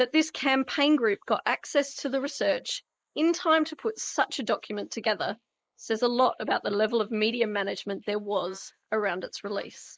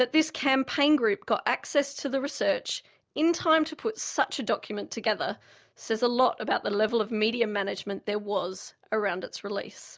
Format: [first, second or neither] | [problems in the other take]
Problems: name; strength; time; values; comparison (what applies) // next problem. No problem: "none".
second | noise reduction (neural mask model Resemble Enhance denoiser)